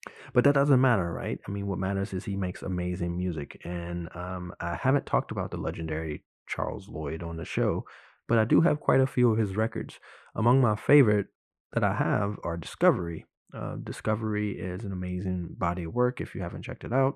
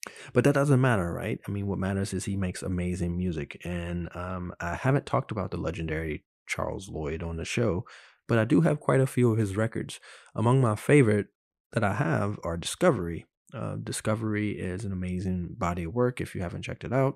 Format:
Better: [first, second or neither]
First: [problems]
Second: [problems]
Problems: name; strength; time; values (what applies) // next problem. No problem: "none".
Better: second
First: muffled; slightly; fading above 3.5 kHz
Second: none